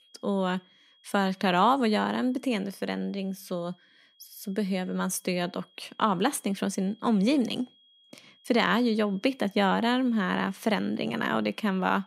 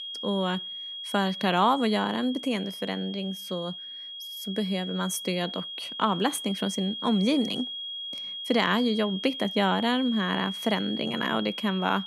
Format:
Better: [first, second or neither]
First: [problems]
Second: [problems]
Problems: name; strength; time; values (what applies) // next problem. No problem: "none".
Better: first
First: high-pitched whine; faint; throughout; 3.5 kHz, 30 dB below the speech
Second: high-pitched whine; loud; throughout; 3.5 kHz, 7 dB below the speech